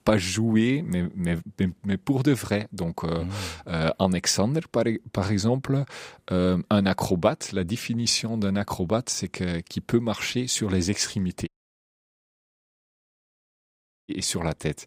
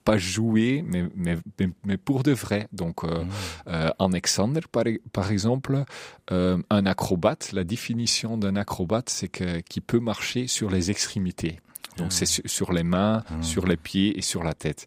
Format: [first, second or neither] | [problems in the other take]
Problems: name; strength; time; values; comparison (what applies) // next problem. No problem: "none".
second | audio cutting out; at 11 s for 2.5 s